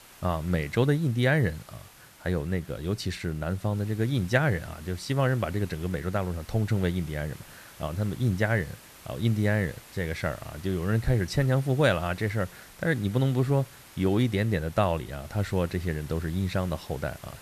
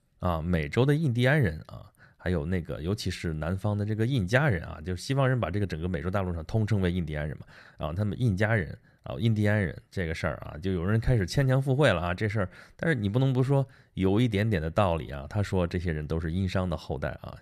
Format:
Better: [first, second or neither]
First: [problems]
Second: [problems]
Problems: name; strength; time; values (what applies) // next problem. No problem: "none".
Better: second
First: hiss; faint; throughout; 20 dB below the speech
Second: none